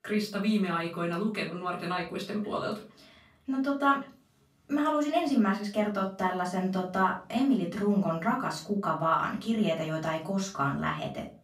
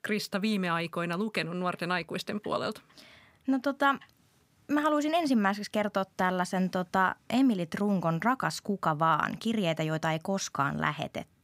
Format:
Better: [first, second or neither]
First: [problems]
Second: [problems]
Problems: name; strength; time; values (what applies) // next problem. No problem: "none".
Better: second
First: off-mic speech; far // room echo; slight; dies away in 0.3 s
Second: none